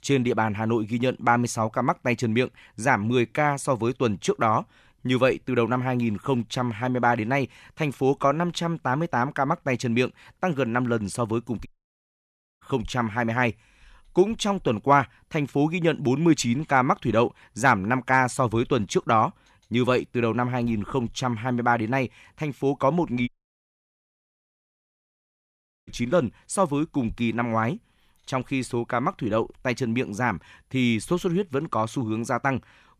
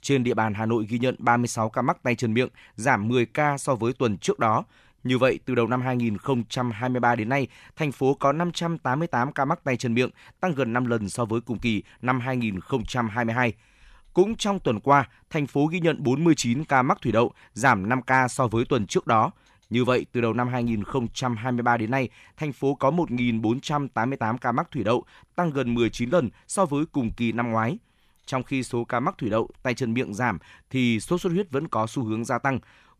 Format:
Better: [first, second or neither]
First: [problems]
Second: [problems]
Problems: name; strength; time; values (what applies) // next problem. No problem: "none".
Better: second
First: audio cutting out; at 12 s for 1 s and at 23 s for 2.5 s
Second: none